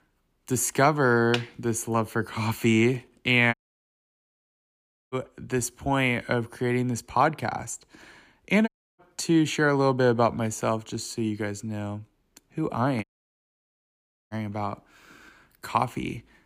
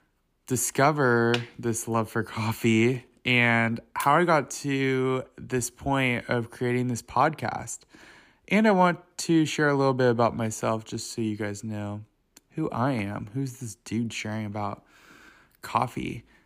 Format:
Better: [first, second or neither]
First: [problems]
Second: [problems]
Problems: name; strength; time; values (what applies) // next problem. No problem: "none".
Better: second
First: audio cutting out; at 3.5 s for 1.5 s, at 8.5 s and at 13 s for 1.5 s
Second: none